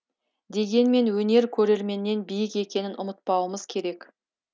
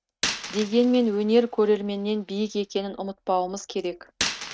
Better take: first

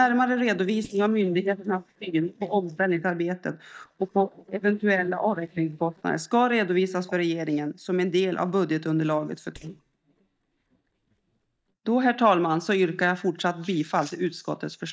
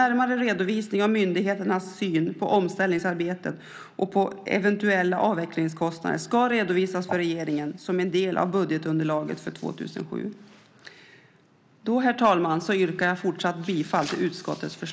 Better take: second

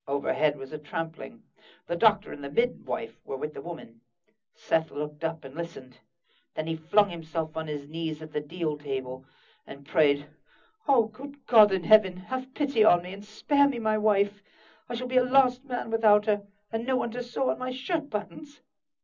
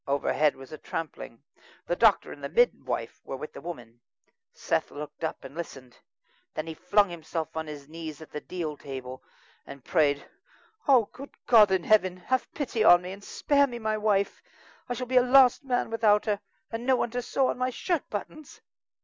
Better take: second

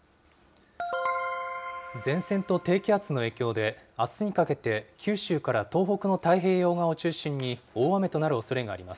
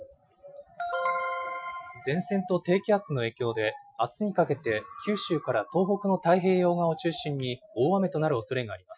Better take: first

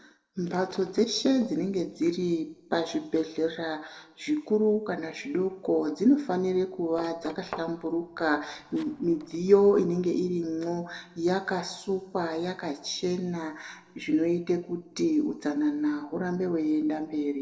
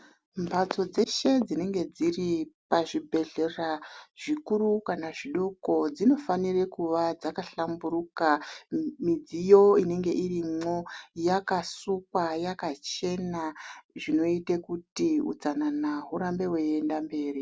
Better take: second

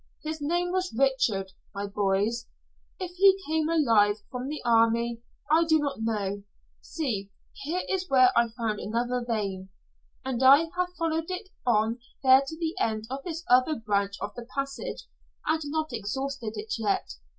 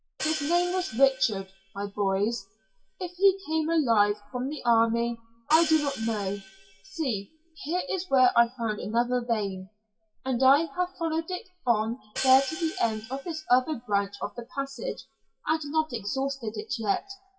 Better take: first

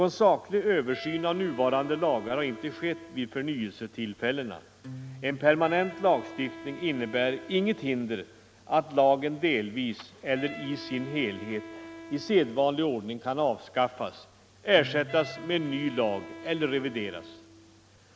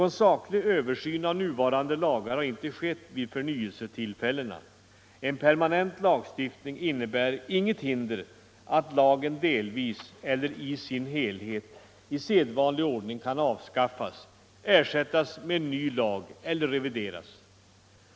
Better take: second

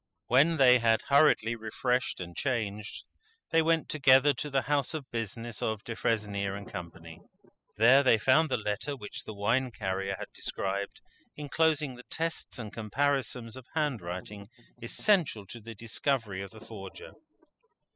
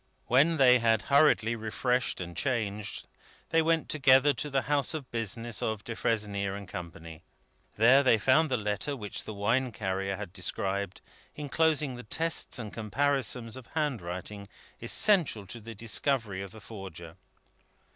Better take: second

